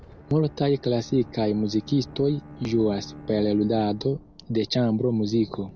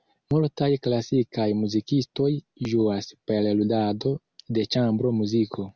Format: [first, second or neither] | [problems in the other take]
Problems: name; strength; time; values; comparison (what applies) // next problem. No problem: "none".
second | background sound (Thunder + Bowed string instrument); 19 dB below the speech